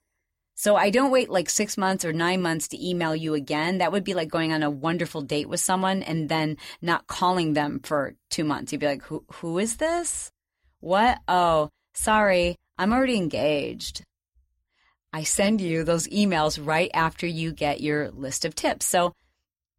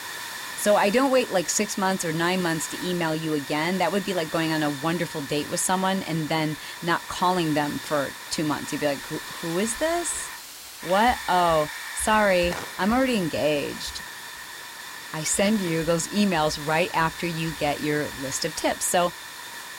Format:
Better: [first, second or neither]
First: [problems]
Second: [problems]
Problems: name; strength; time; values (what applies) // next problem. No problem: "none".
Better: first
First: none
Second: hiss; loud; throughout; 10 dB below the speech